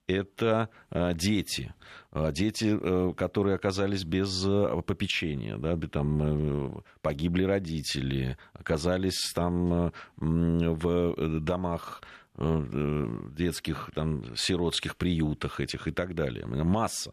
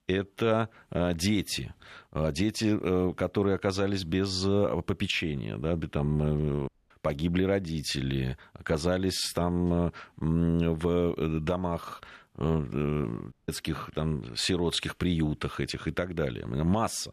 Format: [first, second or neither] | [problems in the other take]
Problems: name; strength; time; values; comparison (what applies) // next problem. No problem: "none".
first | audio cutting out; at 6.5 s and at 13 s